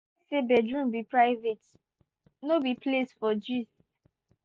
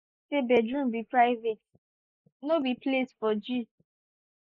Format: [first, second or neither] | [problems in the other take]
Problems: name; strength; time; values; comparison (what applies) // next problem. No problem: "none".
first | noise reduction (neural mask model Resemble Enhance denoiser)